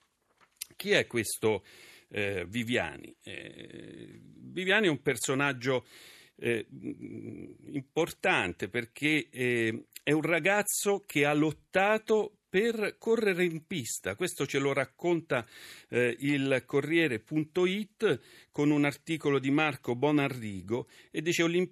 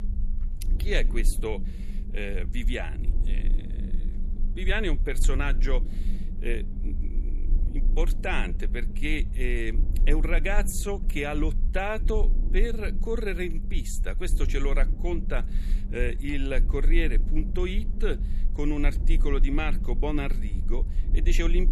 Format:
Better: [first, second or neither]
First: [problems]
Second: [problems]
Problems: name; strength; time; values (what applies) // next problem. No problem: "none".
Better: first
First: none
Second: low rumble; noticeable; throughout; 15 dB below the speech